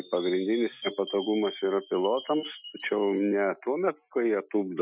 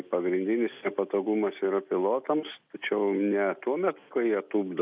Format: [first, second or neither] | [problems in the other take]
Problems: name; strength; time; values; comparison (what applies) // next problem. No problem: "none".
second | noise reduction (classical method Wiener filter)